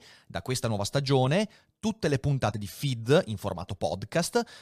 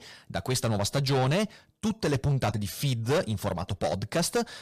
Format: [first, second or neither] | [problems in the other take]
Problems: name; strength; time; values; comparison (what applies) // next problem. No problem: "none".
first | distortion; heavy; 8 dB below the speech